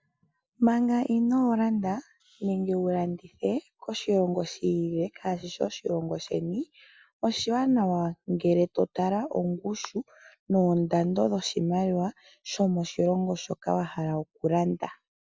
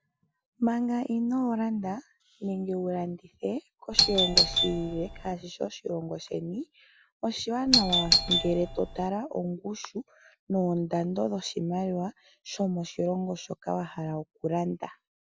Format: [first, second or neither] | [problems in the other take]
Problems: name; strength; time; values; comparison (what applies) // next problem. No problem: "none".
first | background sound (Doorbell); 4 dB above the speech